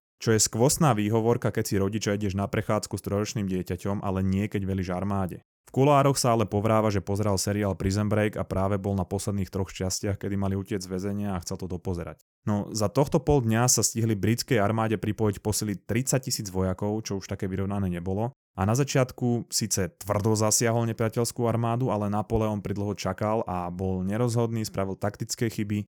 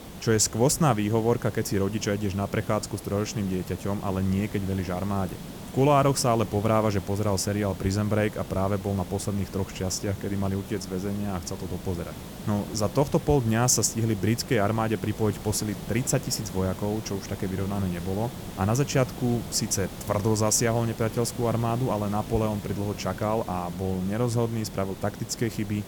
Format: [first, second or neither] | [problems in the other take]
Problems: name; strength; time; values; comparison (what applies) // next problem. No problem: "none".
first | hiss; noticeable; throughout; 15 dB below the speech